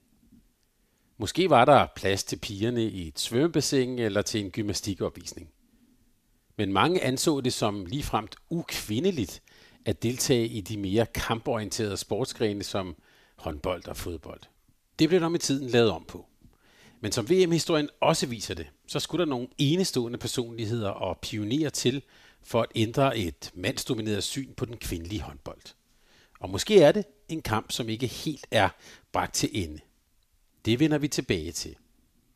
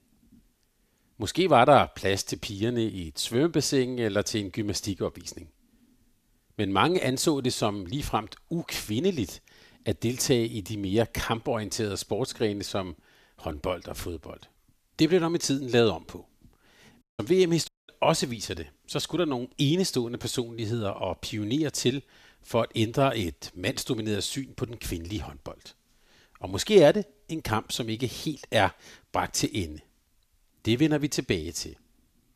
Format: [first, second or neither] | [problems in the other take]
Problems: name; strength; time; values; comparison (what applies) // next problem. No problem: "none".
first | audio cutting out; at 17 s and at 18 s